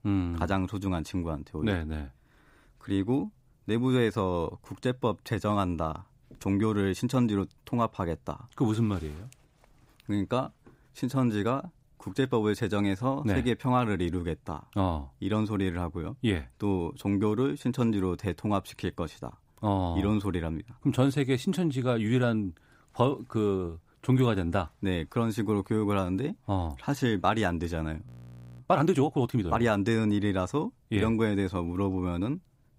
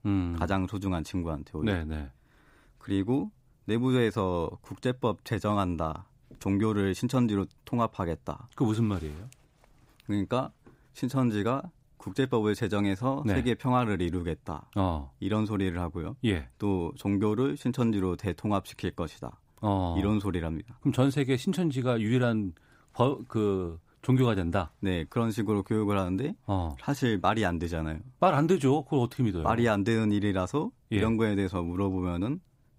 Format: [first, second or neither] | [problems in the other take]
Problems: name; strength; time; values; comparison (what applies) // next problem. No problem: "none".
second | audio freezing; at 28 s for 0.5 s